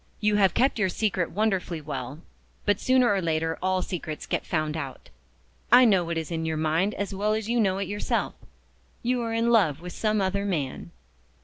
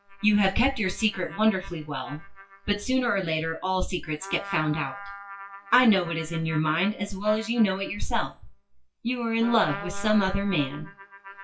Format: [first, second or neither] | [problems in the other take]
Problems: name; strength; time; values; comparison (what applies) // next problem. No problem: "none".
first | noise reduction (classical method WPE with log-MMSE)